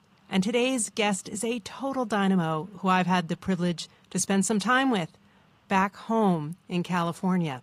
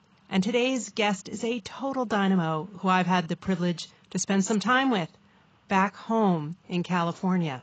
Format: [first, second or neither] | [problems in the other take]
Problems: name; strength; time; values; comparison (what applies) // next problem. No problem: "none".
first | garbled, watery; badly; nothing above 7.5 kHz; slightly in the first